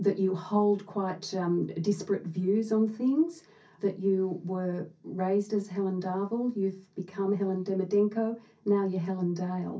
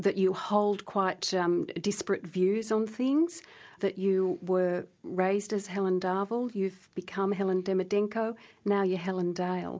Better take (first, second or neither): second